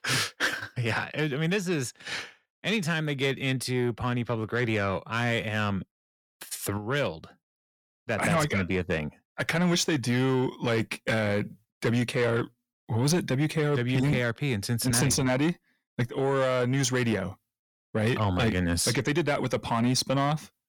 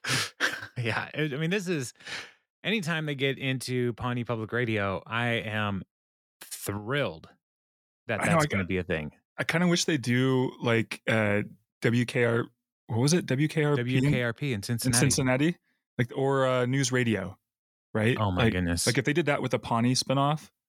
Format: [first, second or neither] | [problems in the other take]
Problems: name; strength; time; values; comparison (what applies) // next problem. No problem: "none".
second | distortion; slight; 10 dB below the speech